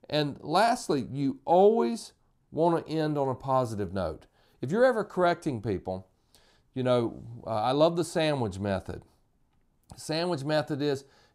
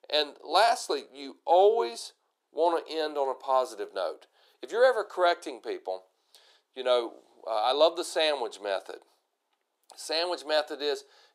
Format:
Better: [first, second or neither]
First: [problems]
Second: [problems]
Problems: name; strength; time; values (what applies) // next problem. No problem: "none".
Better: first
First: none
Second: thin; very; fading below 400 Hz